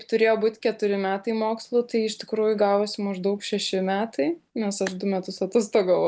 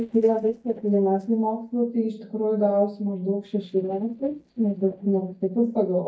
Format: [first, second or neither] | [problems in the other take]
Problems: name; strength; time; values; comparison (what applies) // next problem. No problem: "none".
first | noise reduction (neural mask model DeepFilterNet 3)